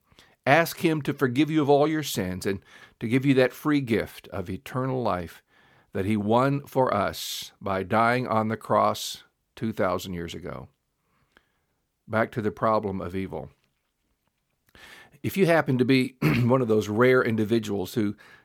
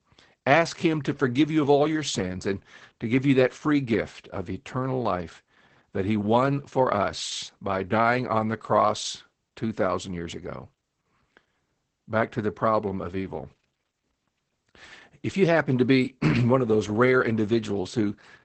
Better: first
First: none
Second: garbled, watery; badly; nothing above 8 kHz

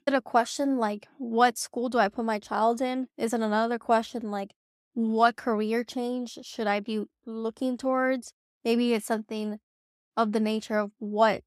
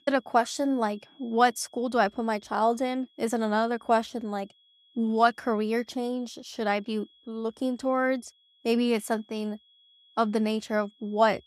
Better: first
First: none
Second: high-pitched whine; faint; throughout; 3.5 kHz, 30 dB below the speech

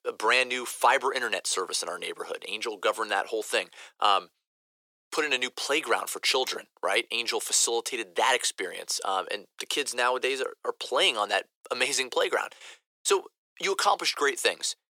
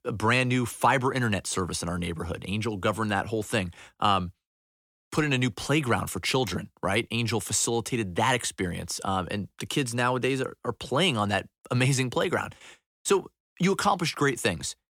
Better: second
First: thin; very; fading below 450 Hz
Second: none

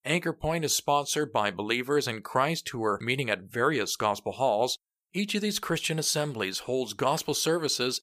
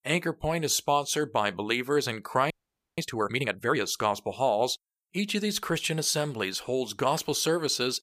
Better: first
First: none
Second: audio freezing; at 2.5 s

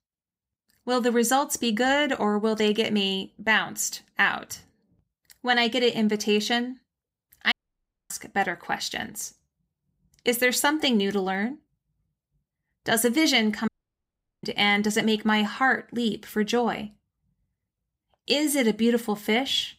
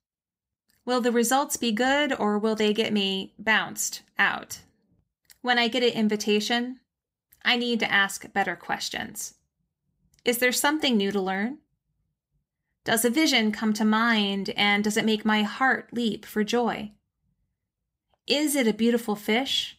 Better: second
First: audio cutting out; at 7.5 s for 0.5 s and at 14 s for 1 s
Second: none

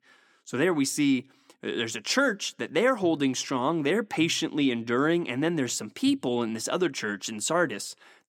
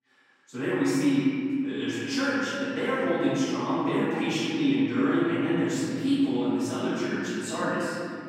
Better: first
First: none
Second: room echo; strong; dies away in 2.9 s // off-mic speech; far

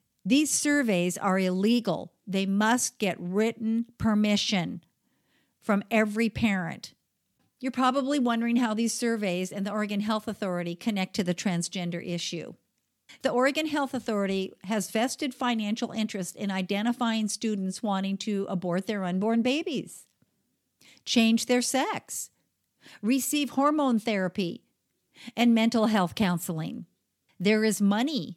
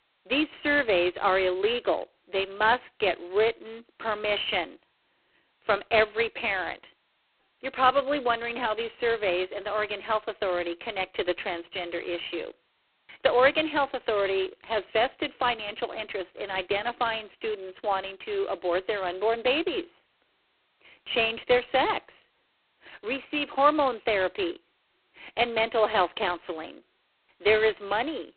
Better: first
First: none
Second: phone-call audio; poor line; nothing above 4 kHz

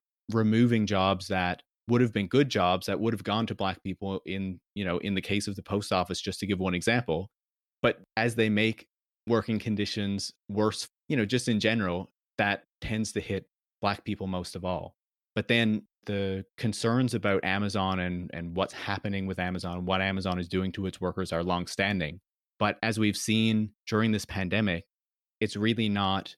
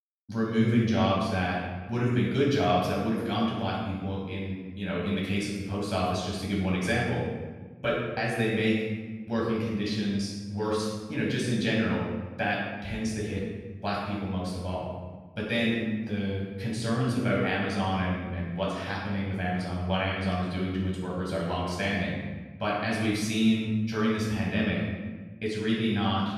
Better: first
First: none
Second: off-mic speech; far // room echo; strong; dies away in 1.2 s

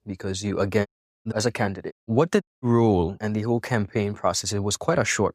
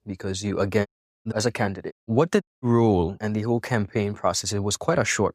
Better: neither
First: audio cutting out; at 1 s, at 2 s and at 2.5 s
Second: audio cutting out; at 1 s, at 2 s and at 2.5 s

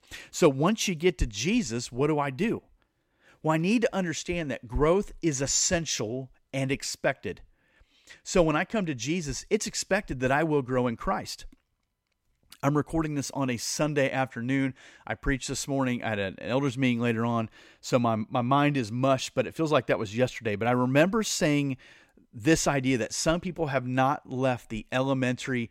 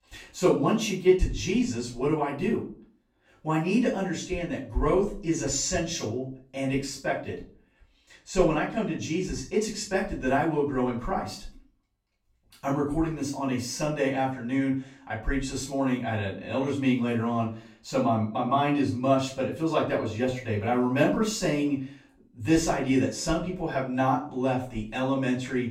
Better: first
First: none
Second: off-mic speech; far // room echo; slight; dies away in 0.4 s

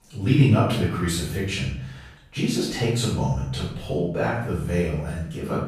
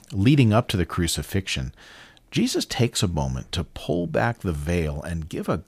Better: second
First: off-mic speech; far // room echo; noticeable; dies away in 0.6 s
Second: none

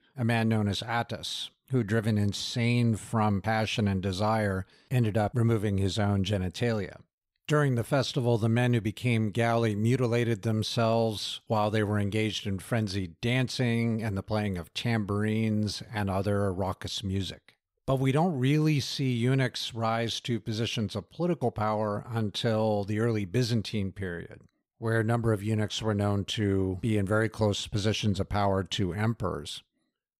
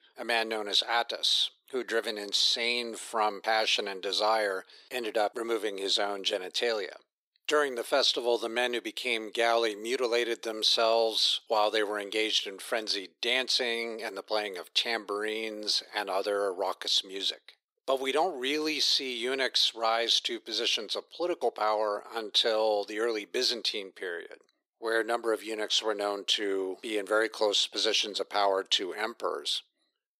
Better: first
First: none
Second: thin; very; fading below 350 Hz

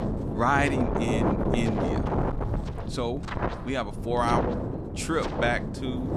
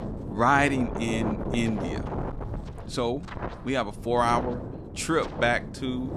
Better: second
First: wind noise on the microphone; heavy; 4 dB below the speech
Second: wind noise on the microphone; occasional gusts; 10 dB below the speech

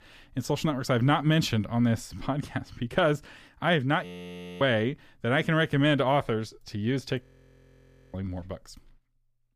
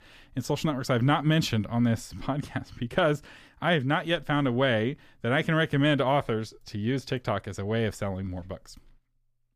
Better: second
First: audio freezing; at 4 s for 0.5 s and at 7 s for 1 s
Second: none

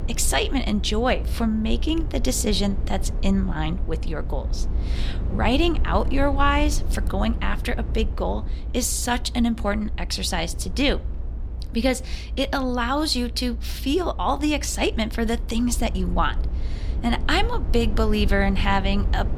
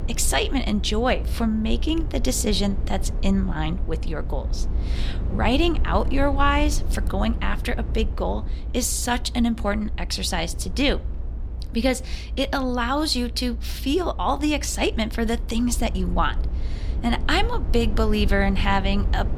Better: neither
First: low rumble; noticeable; throughout; 20 dB below the speech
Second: low rumble; noticeable; throughout; 20 dB below the speech

